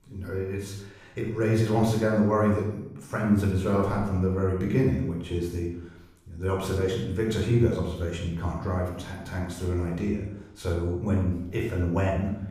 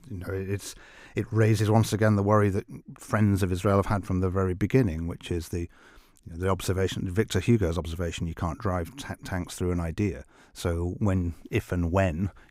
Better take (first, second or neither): second